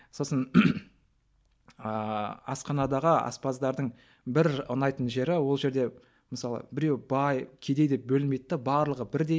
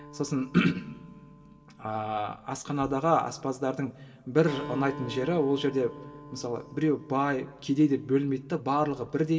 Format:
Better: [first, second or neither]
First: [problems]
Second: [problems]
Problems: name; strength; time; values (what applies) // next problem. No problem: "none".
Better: first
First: none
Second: background sound (Acoustic guitar); 18 dB below the speech // room echo; dies away in 1.4 s